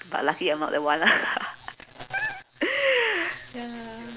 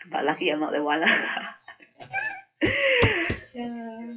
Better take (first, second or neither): first